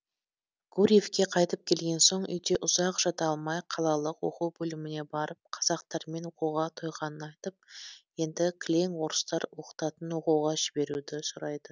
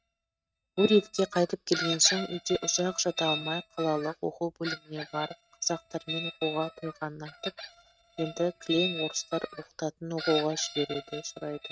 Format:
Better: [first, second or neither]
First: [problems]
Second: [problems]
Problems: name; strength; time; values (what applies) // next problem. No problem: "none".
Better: first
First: none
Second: noise reduction (neural mask model RNNoise)